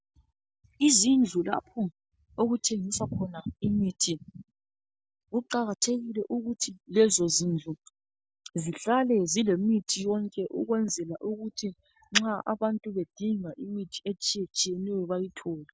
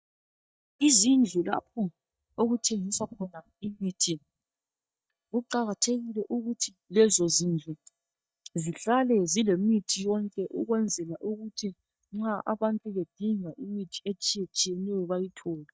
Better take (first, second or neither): first